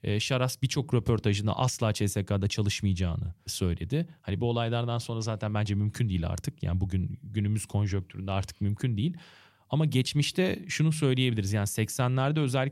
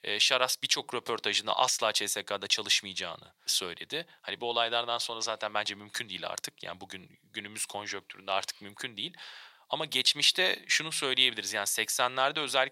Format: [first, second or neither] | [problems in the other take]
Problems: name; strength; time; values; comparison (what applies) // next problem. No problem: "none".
first | thin; very; fading below 800 Hz